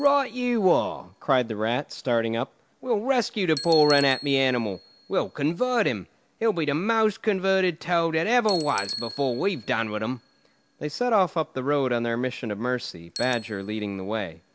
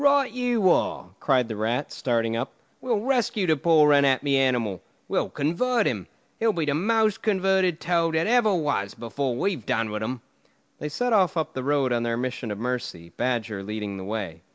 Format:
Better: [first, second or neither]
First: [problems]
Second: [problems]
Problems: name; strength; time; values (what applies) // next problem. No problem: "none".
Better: second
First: background sound (Bicycle); 15 dB below the speech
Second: none